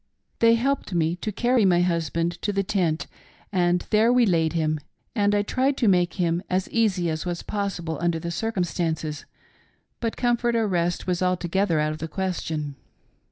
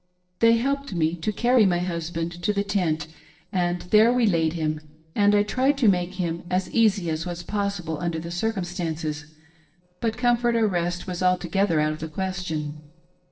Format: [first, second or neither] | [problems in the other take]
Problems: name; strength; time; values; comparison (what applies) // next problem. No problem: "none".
first | noise reduction (neural separator model SepFormer DNS4)